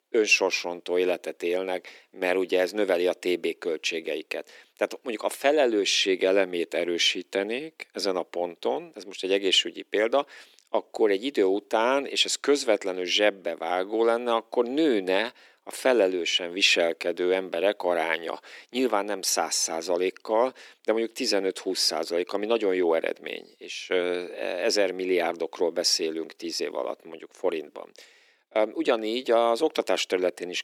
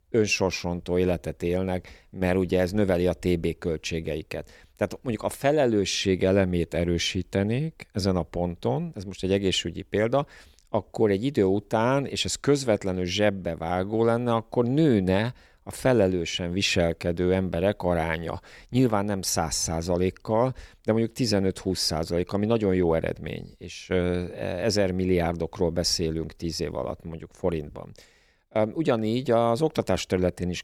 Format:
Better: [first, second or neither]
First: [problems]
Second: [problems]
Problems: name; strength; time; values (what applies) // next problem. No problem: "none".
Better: second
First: thin; somewhat; fading below 300 Hz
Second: none